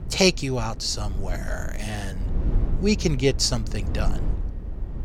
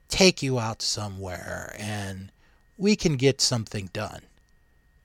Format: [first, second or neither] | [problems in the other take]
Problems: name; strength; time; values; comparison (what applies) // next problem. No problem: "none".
second | low rumble; noticeable; throughout; 15 dB below the speech